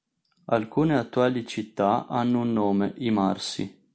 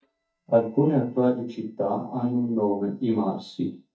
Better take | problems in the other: first | noise reduction (neural mask model DeepFilterNet 3)

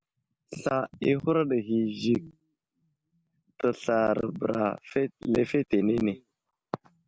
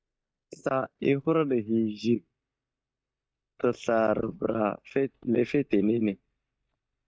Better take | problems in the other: first | noise reduction (neural mask model DeepFilterNet 3)

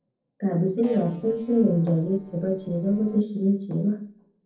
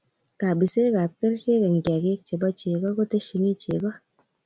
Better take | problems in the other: second | noise reduction (neural separator model SepFormer DNS4)

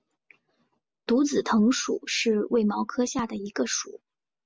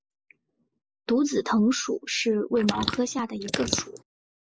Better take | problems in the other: first | noise reduction (neural mask model Resemble Enhance denoiser)

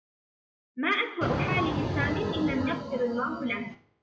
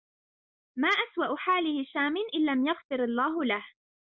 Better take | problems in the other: second | noise reduction (classical method WPE with log-MMSE)

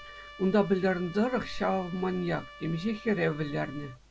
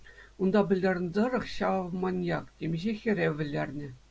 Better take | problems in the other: second | background sound (Trumpet); 18 dB below the speech

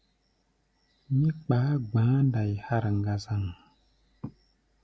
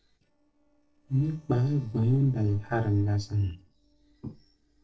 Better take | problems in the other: first | noise reduction (neural separator model SepFormer DNS4)

